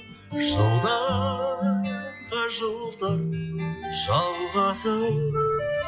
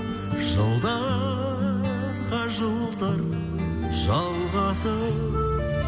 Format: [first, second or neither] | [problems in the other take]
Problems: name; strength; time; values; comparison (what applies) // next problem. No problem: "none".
second | noise reduction (classical method log-MMSE)